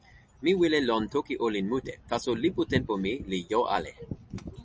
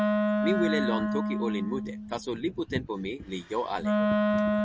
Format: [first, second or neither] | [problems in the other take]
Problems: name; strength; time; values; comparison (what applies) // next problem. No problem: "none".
first | background sound (Wind instrument, woodwind instrument); 4 dB above the speech